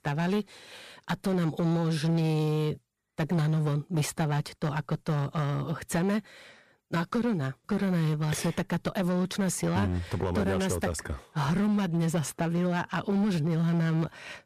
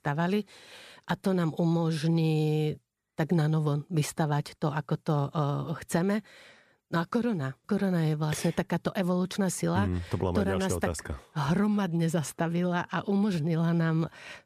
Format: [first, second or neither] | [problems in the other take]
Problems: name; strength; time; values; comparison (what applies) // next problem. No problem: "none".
second | distortion; slight; 10% of the sound clipped